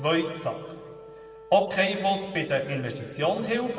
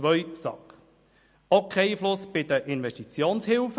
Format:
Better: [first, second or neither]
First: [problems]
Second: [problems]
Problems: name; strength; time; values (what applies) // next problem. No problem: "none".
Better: second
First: background sound (Wind instrument, woodwind instrument); 20 dB below the speech // room echo; dies away in 1.7 s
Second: none